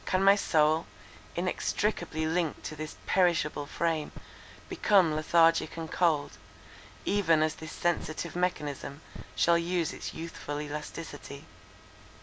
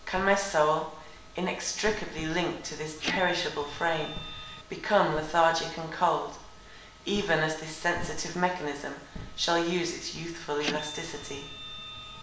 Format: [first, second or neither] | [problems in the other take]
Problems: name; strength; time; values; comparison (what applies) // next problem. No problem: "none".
first | background sound (Printer); 9 dB below the speech // room echo; dies away in 0.7 s